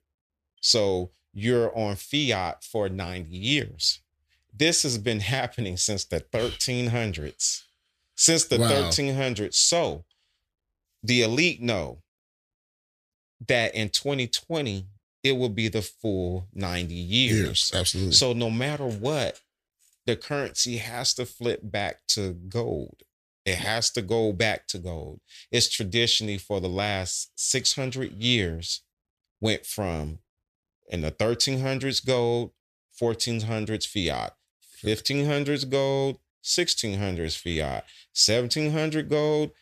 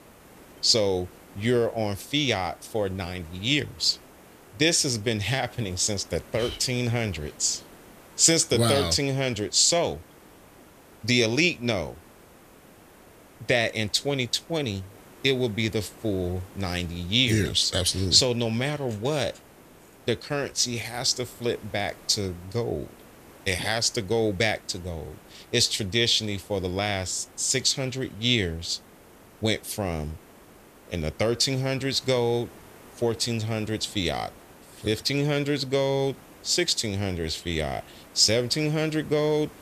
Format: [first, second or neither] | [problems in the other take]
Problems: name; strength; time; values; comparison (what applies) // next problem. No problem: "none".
first | hiss; faint; throughout; 25 dB below the speech